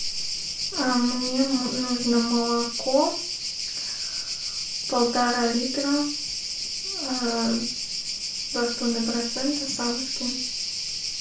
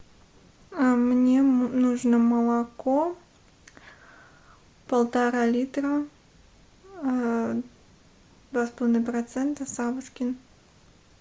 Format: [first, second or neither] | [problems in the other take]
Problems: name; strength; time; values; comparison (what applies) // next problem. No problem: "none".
second | background sound (Cricket); 3 dB below the speech // room echo; dies away in 0.3 s